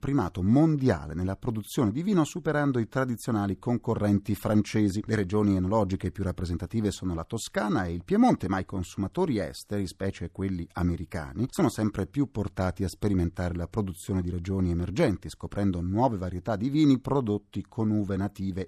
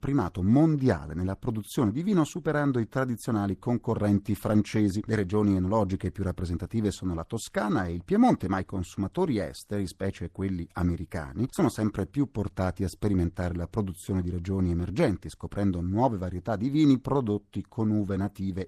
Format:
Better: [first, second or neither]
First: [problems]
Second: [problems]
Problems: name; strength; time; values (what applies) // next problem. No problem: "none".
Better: first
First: none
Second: garbled, watery; slightly; nothing above 14 kHz